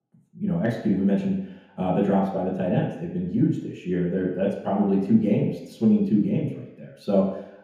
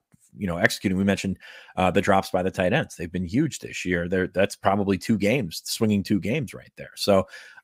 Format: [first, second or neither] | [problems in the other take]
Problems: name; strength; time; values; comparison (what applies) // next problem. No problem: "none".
second | room echo; noticeable; dies away in 1 s // off-mic speech; far